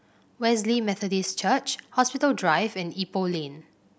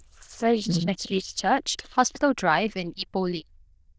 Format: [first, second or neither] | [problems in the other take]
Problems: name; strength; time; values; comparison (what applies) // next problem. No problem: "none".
first | noise reduction (neural diffusion model UNIVERSE++)